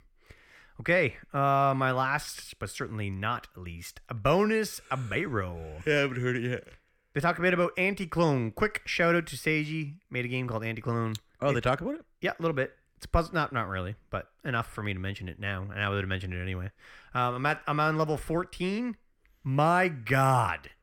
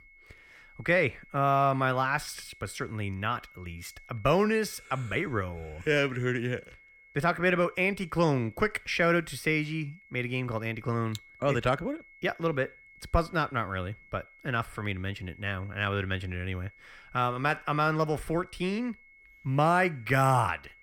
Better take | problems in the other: first | high-pitched whine; faint; throughout; 2 kHz, 25 dB below the speech

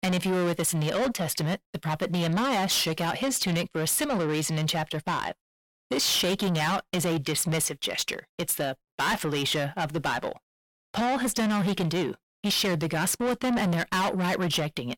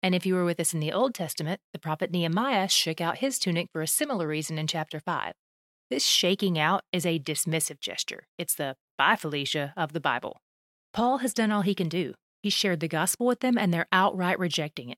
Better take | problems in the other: second | distortion; heavy; 6 dB below the speech

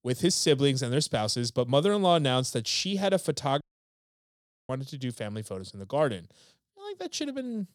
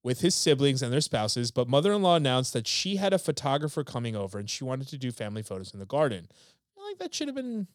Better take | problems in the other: second | audio cutting out; at 3.5 s for 1 s

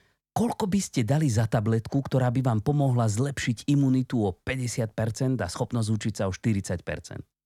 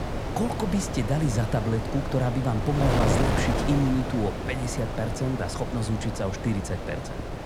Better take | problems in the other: first | wind noise on the microphone; heavy; as loud as the speech

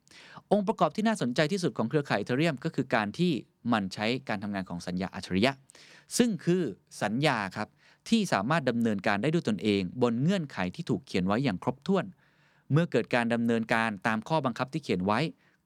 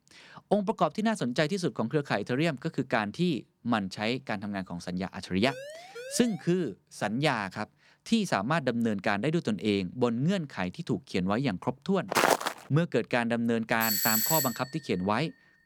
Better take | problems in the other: first | siren; faint; at 5.5 s; peak 15 dB below the speech // footsteps; loud; at 12 s; peak 5 dB above the speech // doorbell; loud; at 14 s; peak 5 dB above the speech

